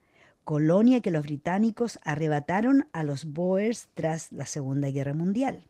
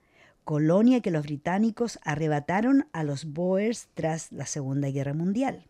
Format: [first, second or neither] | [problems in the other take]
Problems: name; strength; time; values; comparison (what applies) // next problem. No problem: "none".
second | garbled, watery; slightly; nothing above 15.5 kHz